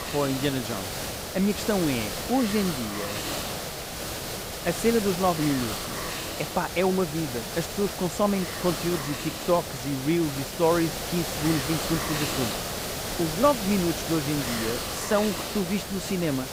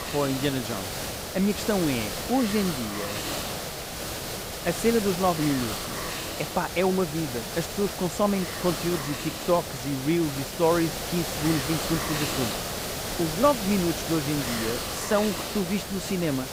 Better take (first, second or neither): neither